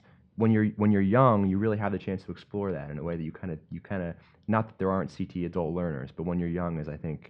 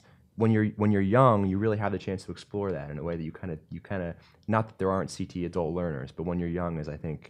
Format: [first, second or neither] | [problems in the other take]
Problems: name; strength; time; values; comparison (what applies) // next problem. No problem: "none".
second | muffled; slightly; fading above 3 kHz